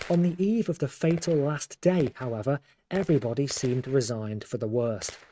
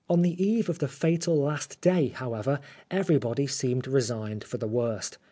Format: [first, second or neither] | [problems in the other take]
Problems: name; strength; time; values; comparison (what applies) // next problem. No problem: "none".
second | noise reduction (neural mask model RNNoise)